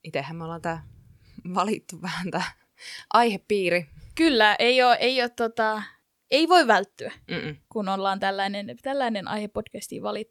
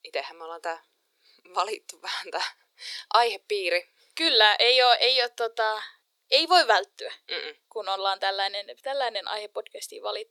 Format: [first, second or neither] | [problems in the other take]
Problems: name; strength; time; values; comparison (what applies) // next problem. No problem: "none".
first | thin; very; fading below 400 Hz